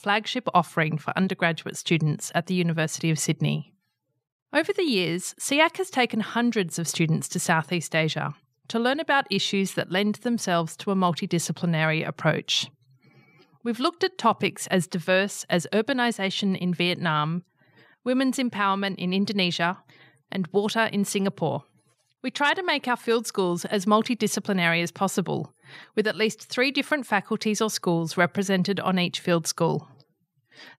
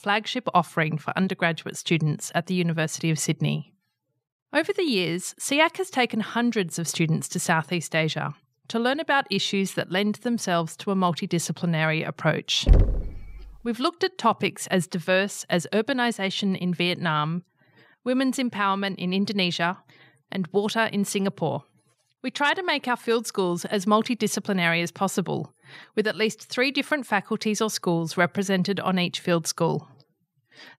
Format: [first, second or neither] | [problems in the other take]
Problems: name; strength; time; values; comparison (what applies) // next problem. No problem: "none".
first | door banging; loud; at 13 s; peak 4 dB above the speech